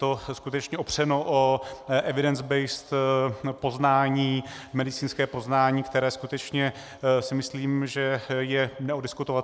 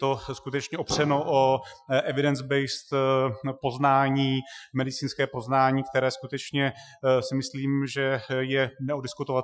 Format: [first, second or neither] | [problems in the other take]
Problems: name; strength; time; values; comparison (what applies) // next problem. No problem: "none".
first | noise reduction (classical method Wiener filter)